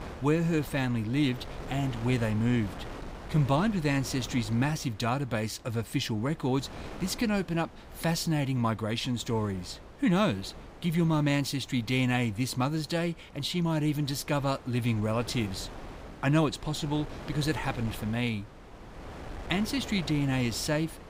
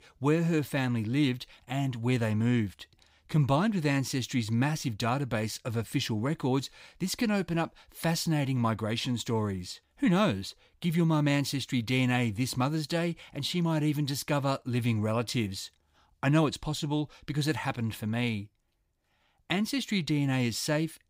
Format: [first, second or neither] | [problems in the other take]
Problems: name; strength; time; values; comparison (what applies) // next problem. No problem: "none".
second | wind noise on the microphone; occasional gusts; 15 dB below the speech